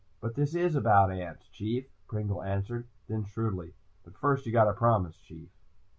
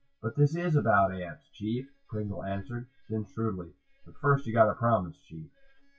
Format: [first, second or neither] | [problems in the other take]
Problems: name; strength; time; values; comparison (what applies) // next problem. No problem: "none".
first | noise reduction (classical method WPE with log-MMSE)